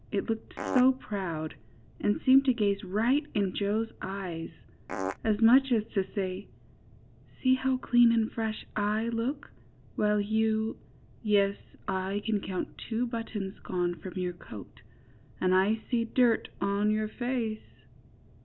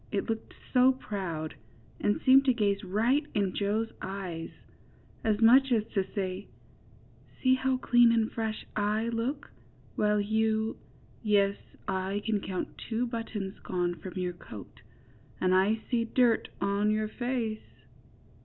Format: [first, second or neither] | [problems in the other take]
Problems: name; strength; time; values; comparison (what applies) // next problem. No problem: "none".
second | background sound (Fart); 3 dB below the speech